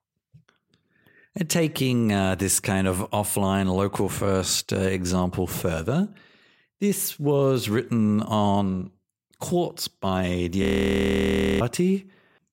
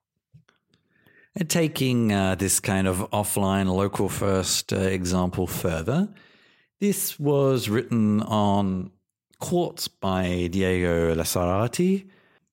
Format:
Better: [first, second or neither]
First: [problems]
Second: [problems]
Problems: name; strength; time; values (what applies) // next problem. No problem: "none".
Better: second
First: audio freezing; at 11 s for 1 s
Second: none